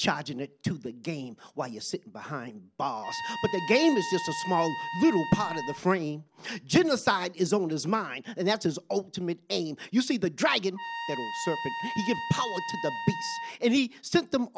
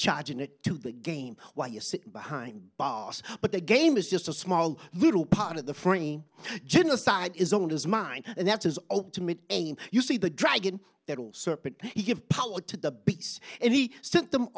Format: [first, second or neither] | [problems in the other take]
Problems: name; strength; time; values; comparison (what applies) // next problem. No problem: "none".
second | background sound (Trumpet); 7 dB below the speech